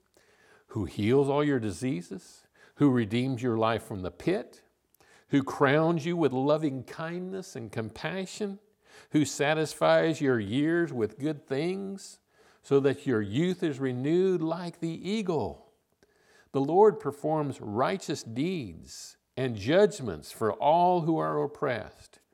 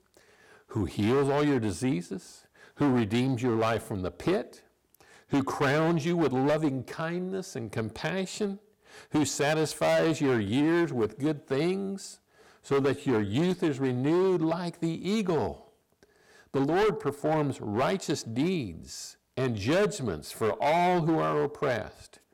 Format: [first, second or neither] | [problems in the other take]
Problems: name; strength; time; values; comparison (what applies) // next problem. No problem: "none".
first | distortion; heavy; 11% of the sound clipped